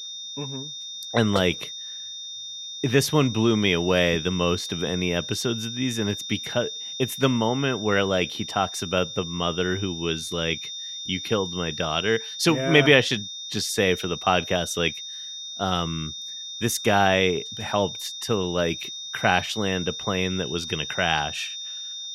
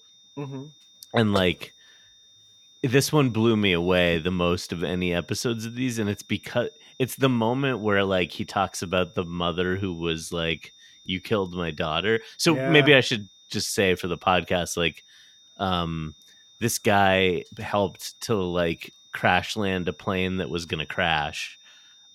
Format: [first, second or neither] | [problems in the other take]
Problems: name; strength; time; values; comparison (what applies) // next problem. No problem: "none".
second | high-pitched whine; loud; throughout; 3.5 kHz, 8 dB below the speech; faint in the second